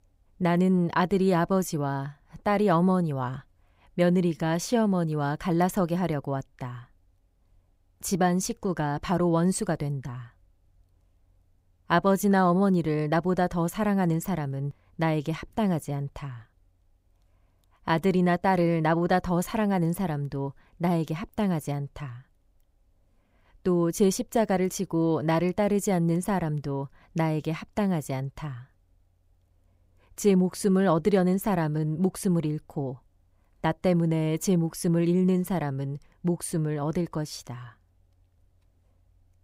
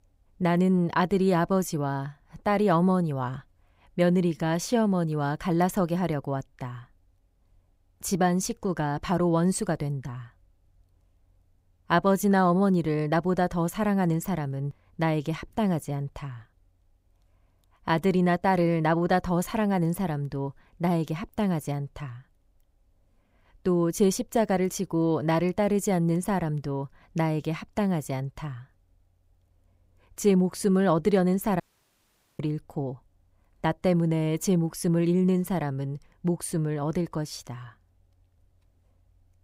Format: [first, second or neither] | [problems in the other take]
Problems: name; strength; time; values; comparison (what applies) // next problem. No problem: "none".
first | audio cutting out; at 32 s for 1 s